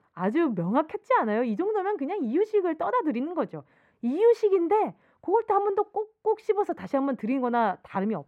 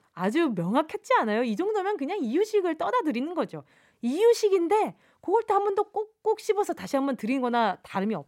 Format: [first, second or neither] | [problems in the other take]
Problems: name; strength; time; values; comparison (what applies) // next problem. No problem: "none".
second | muffled; very; fading above 3 kHz